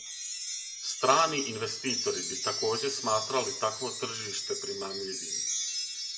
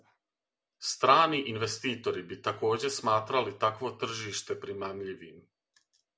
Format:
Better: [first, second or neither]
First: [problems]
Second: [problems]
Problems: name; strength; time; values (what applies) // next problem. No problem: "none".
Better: second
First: background sound (Wind chime); 3 dB below the speech // room echo; dies away in 0.6 s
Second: none